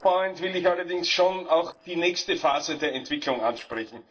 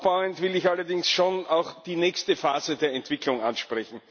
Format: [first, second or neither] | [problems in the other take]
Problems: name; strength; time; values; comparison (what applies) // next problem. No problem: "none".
second | noise reduction (neural separator model SepFormer DNS4)